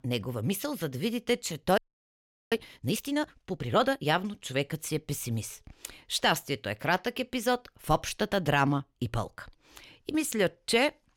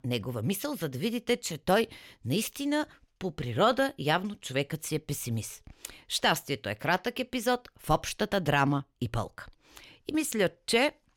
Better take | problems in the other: second | audio freezing; at 2 s for 0.5 s

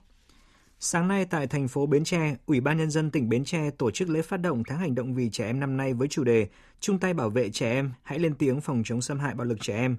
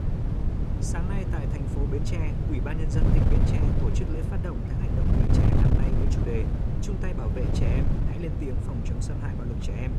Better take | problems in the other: first | wind noise on the microphone; heavy; 2 dB above the speech

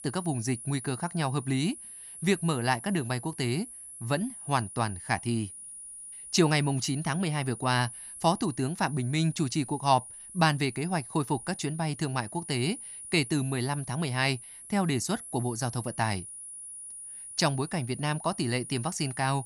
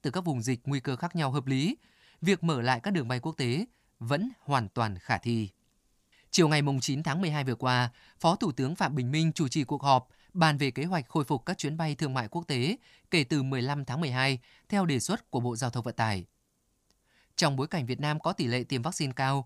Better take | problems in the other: second | high-pitched whine; noticeable; throughout; 9.5 kHz, 10 dB below the speech

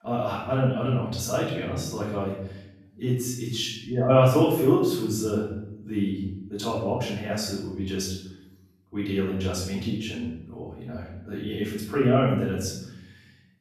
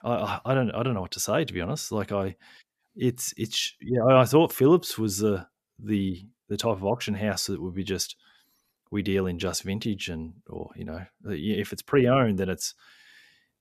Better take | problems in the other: second | off-mic speech; far // room echo; noticeable; dies away in 0.8 s

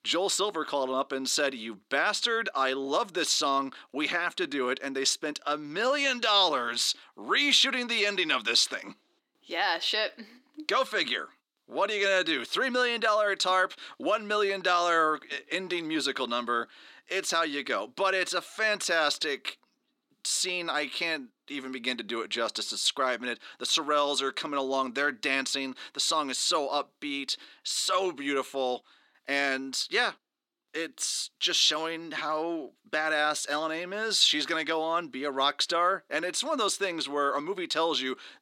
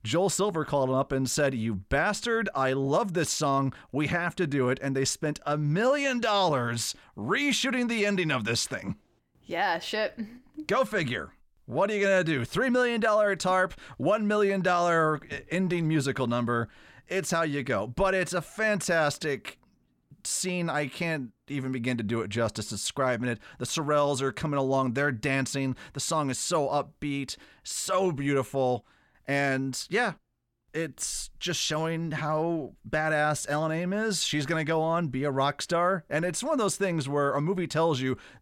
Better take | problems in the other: second | thin; somewhat; fading below 300 Hz

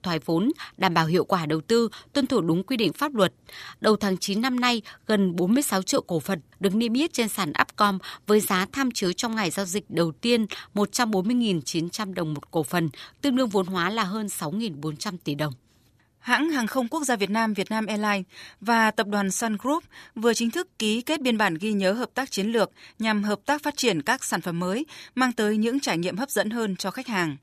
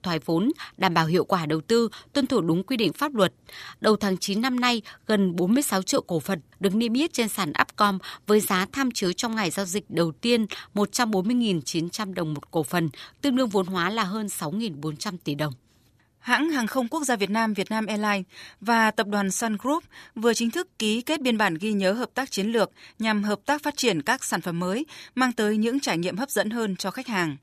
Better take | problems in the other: neither | none

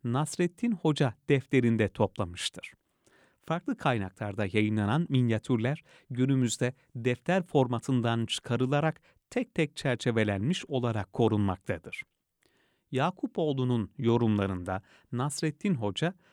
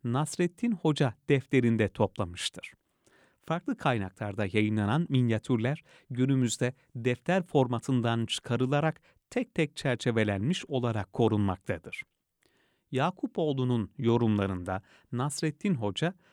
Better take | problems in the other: neither | none

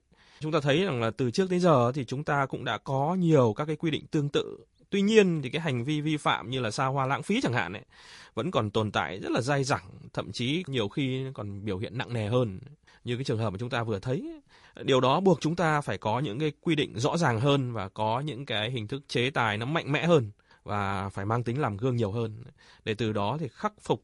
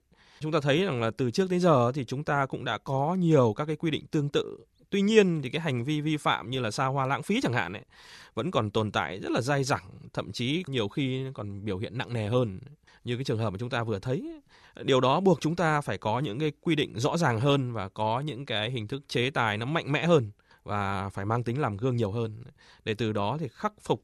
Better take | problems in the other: second | garbled, watery; slightly; nothing above 11 kHz

